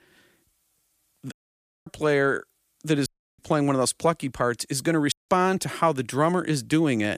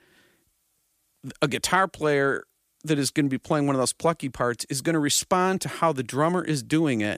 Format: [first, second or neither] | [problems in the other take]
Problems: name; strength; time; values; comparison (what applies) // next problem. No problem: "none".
second | audio cutting out; at 1.5 s for 0.5 s, at 3 s and at 5 s